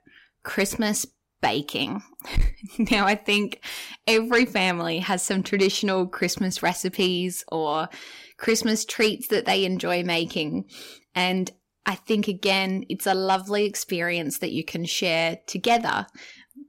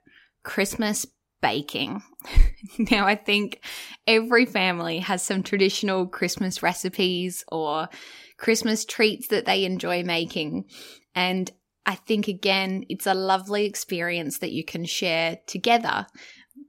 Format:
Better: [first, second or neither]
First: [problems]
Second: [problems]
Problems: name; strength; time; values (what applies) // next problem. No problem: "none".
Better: second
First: distortion; slight; 10 dB below the speech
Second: none